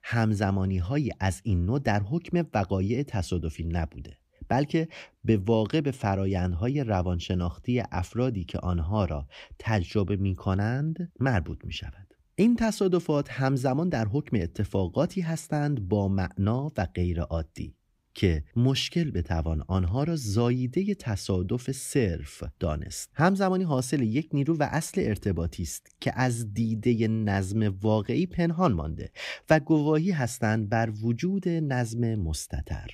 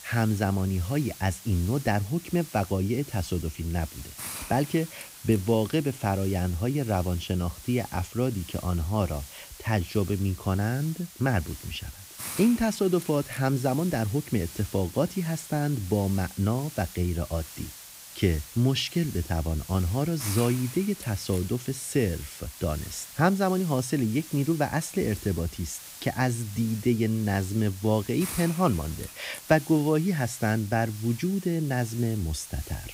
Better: first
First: none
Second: hiss; noticeable; throughout; 15 dB below the speech

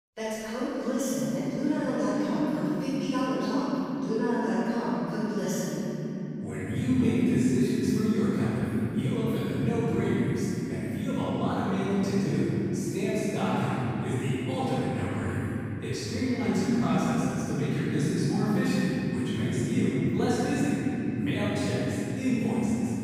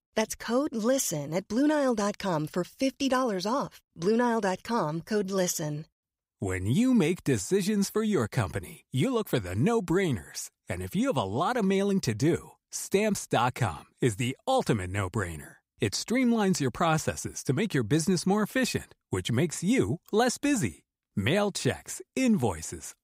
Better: second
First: off-mic speech; far // room echo; strong; dies away in 3 s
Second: none

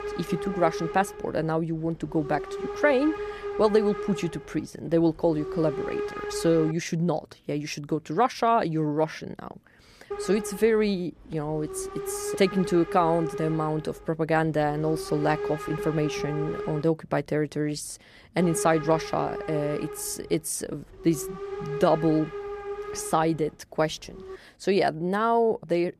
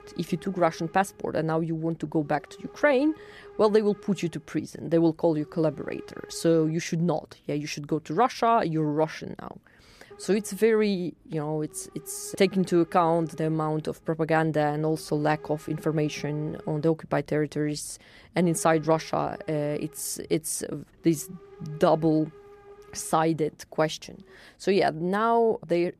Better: second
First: hiss; loud; until 6.5 s, from 10 to 17 s and from 18 to 24 s; 9 dB below the speech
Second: hiss; faint; until 6.5 s, from 10 to 17 s and from 18 to 24 s; 25 dB below the speech

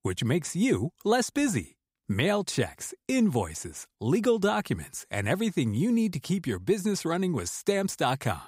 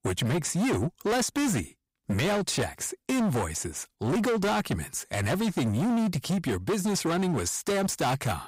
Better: first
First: none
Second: distortion; heavy; 25% of the sound clipped

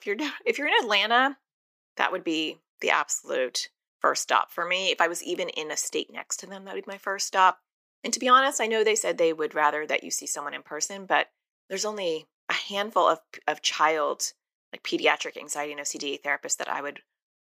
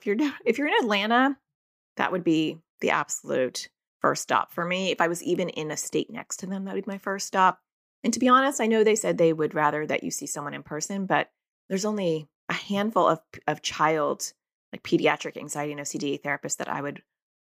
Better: second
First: thin; somewhat; fading below 450 Hz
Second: none

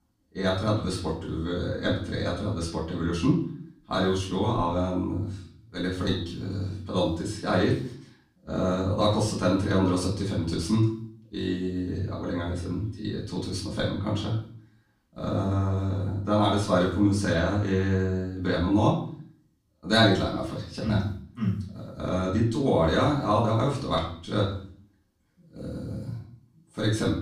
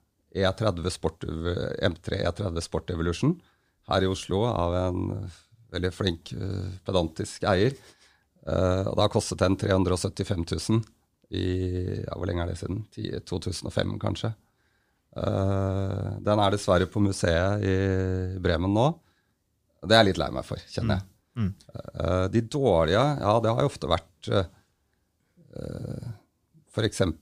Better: second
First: off-mic speech; far // room echo; slight; dies away in 0.5 s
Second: none

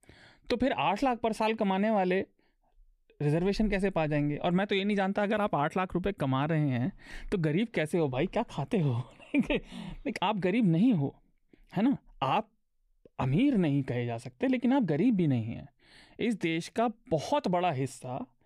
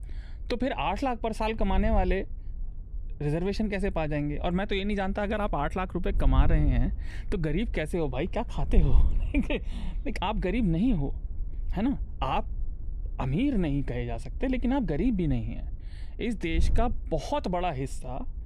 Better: first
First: none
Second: wind noise on the microphone; occasional gusts; 20 dB below the speech

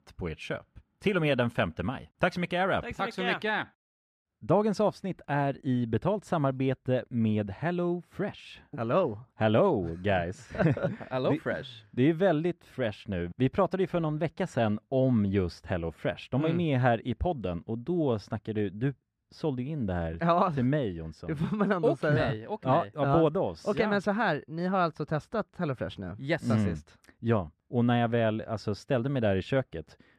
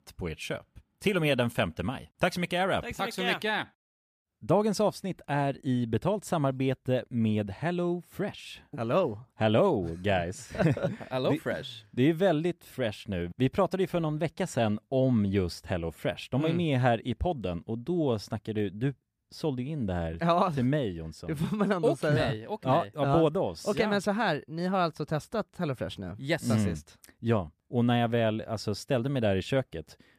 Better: second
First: muffled; very slightly; fading above 3 kHz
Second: none

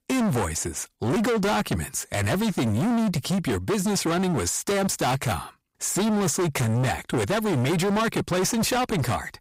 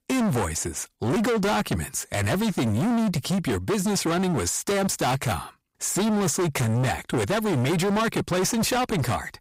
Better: neither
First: distortion; heavy; 34% of the sound clipped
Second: distortion; heavy; 34% of the sound clipped

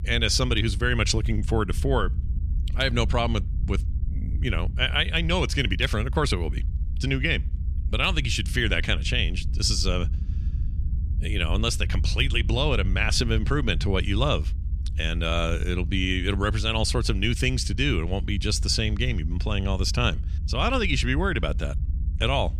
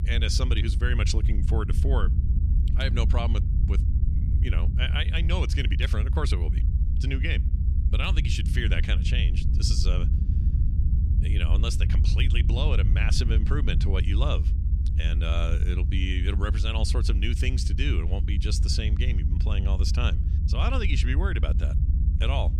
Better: first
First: low rumble; faint; throughout; 20 dB below the speech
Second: low rumble; loud; throughout; 9 dB below the speech

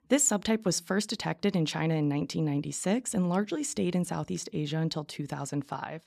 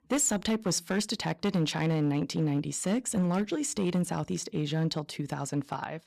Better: first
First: none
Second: distortion; slight; 7% of the sound clipped

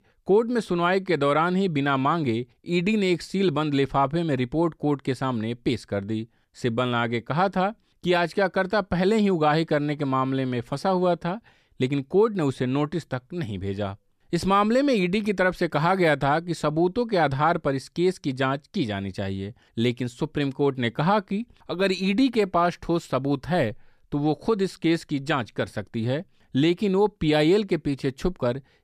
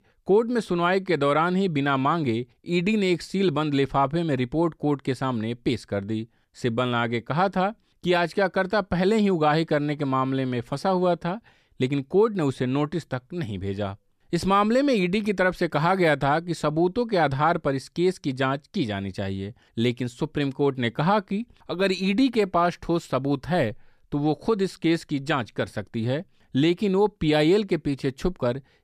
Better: neither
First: none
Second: none

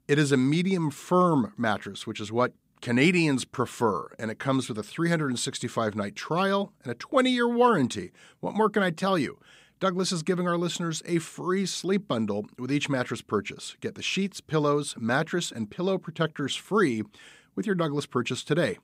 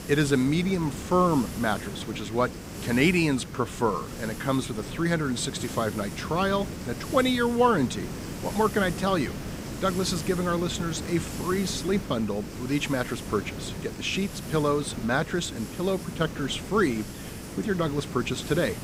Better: first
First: none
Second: hiss; loud; throughout; 9 dB below the speech

